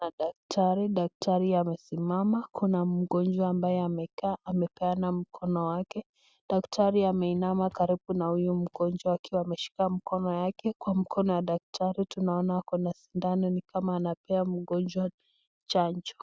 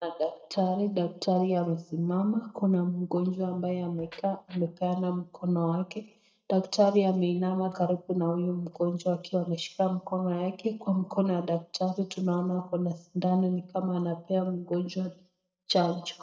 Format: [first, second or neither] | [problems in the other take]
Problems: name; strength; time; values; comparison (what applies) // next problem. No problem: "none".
first | noise reduction (neural mask model DeepFilterNet 3)